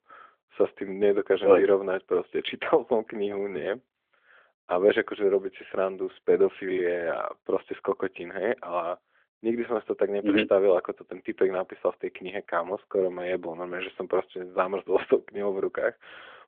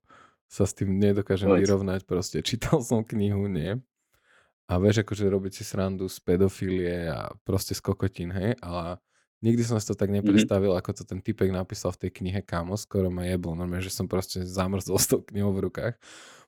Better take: second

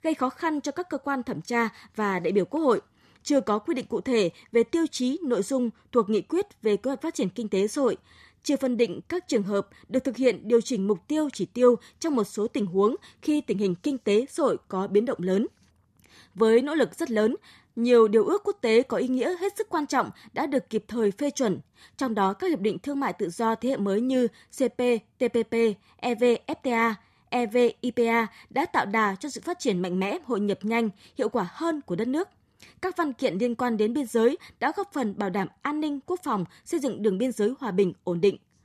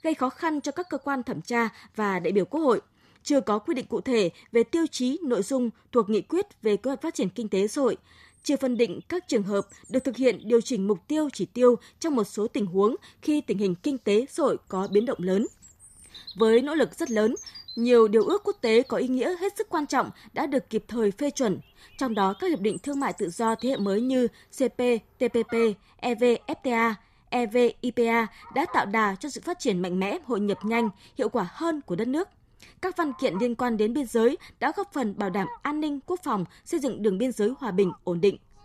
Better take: first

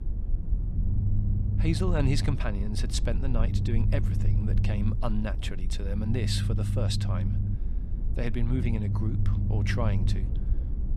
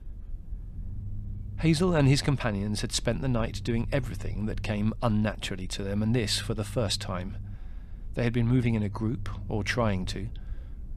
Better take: second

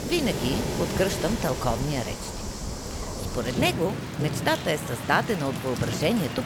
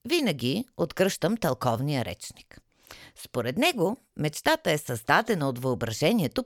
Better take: second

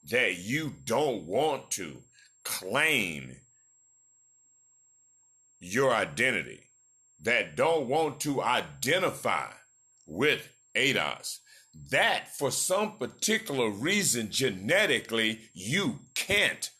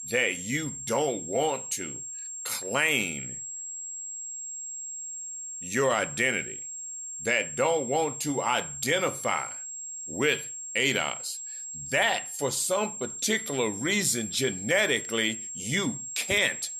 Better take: first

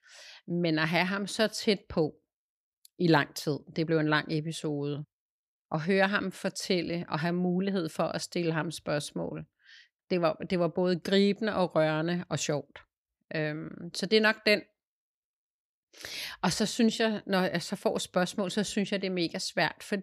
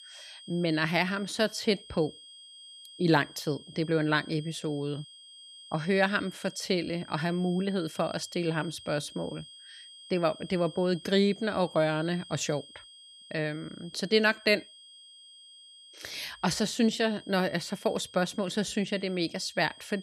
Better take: first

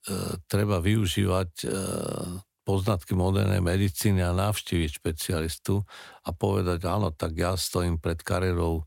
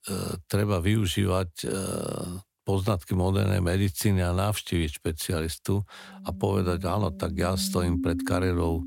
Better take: first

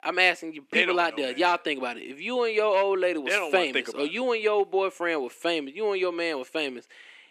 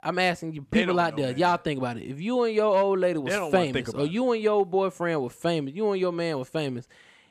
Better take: second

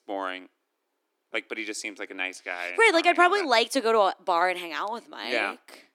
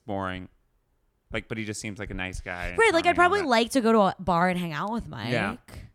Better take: second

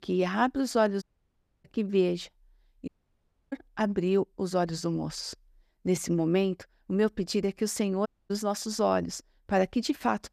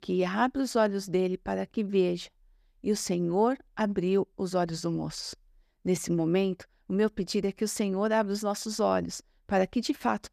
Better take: second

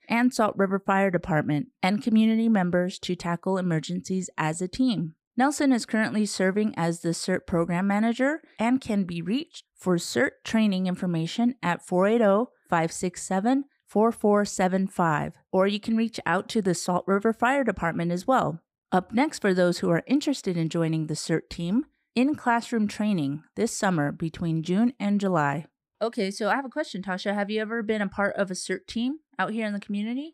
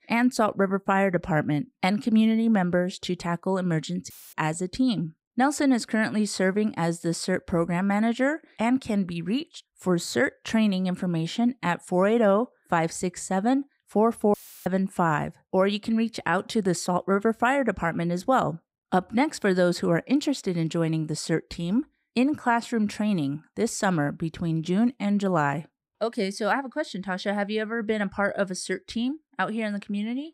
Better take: first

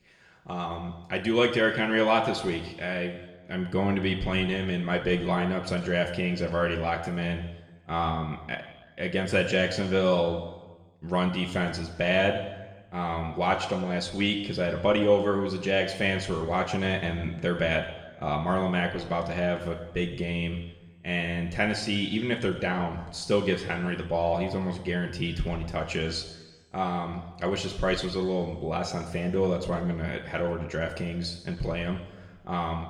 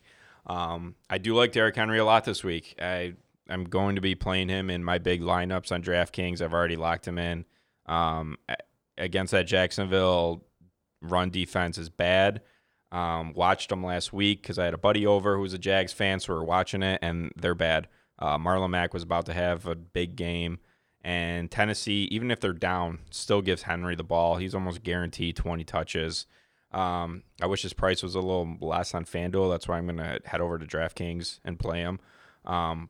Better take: second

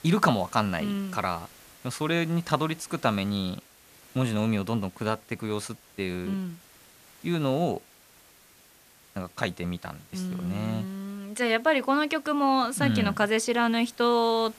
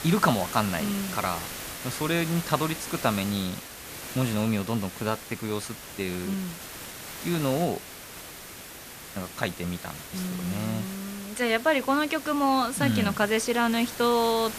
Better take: first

